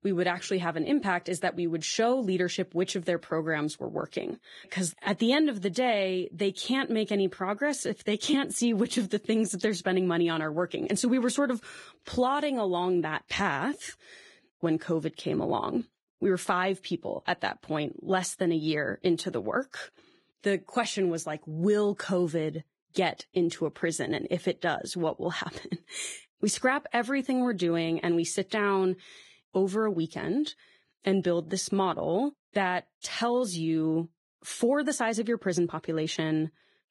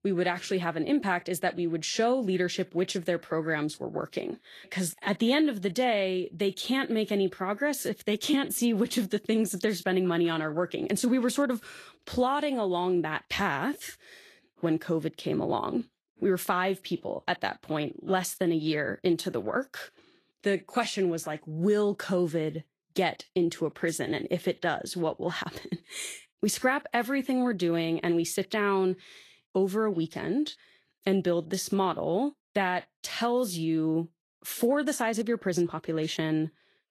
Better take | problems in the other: second | garbled, watery; badly; nothing above 10.5 kHz; slightly in the second

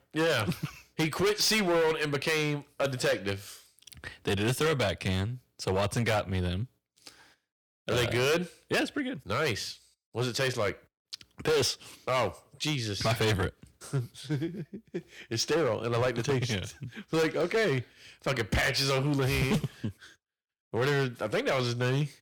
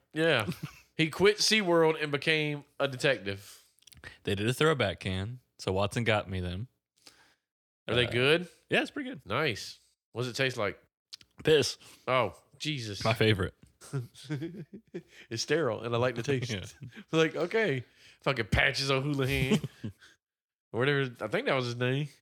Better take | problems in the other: second | distortion; heavy; 10% of the sound clipped

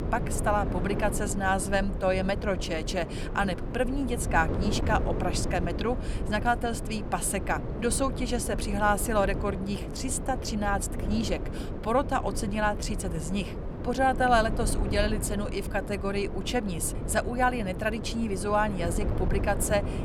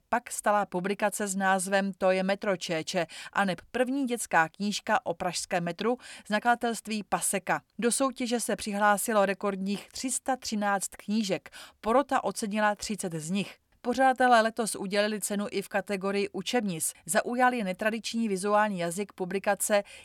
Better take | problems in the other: second | wind noise on the microphone; occasional gusts; 10 dB below the speech

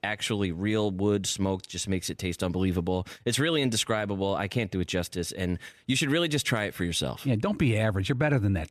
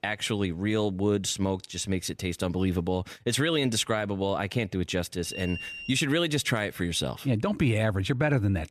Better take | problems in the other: first | alarm; noticeable; at 5.5 s; peak 9 dB below the speech

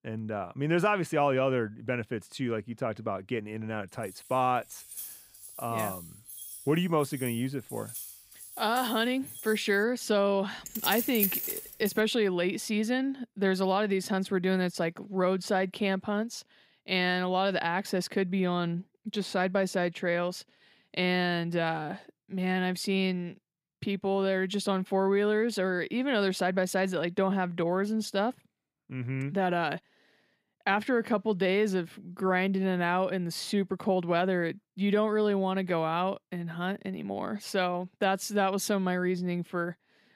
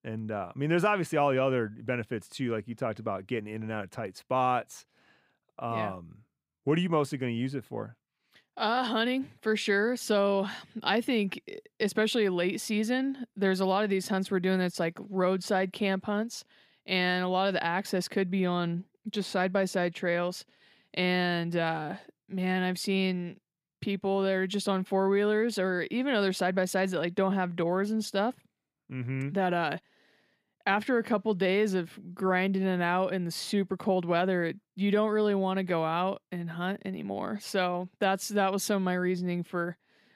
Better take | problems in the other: second | jangling keys; faint; from 4 to 10 s; peak 10 dB below the speech // jangling keys; loud; from 11 to 12 s; peak 2 dB above the speech

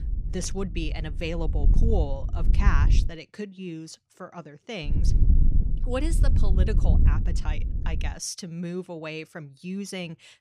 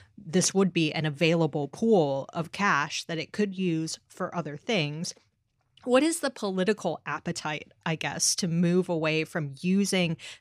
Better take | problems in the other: second | wind noise on the microphone; heavy; until 3 s and from 5 to 8 s; 7 dB below the speech

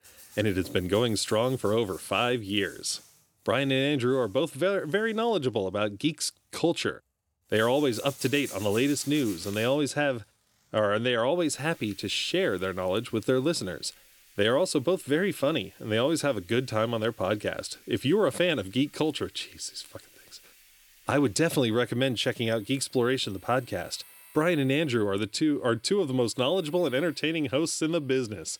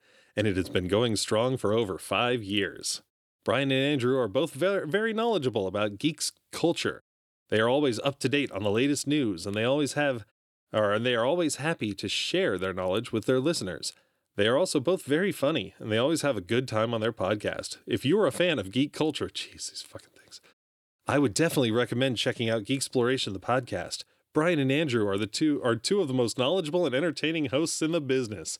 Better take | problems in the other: second | household noises; faint; throughout; 20 dB below the speech

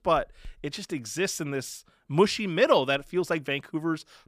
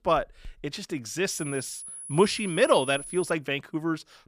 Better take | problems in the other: first | high-pitched whine; noticeable; from 1.5 to 3.5 s; 10.5 kHz, 10 dB below the speech

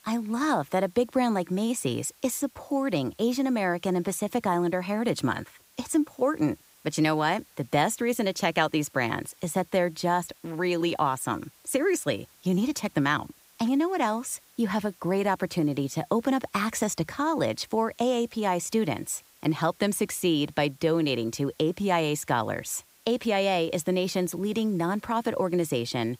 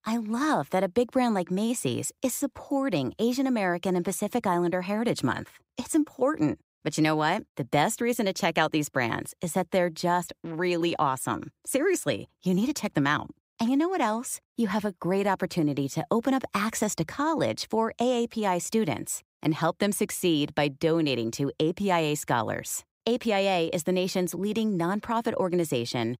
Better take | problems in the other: second | hiss; faint; throughout; 30 dB below the speech

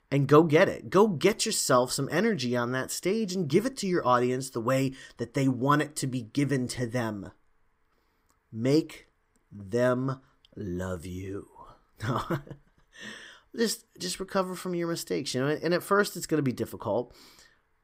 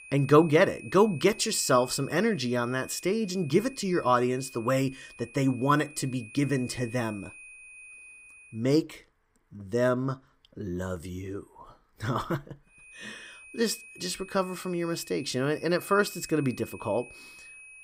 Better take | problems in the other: first | high-pitched whine; noticeable; until 8.5 s and from 13 s on; 2.5 kHz, 20 dB below the speech

